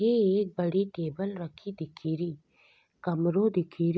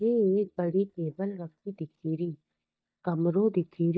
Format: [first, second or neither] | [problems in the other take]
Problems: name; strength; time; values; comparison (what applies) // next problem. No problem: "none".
first | noise reduction (neural mask model DeepFilterNet 3)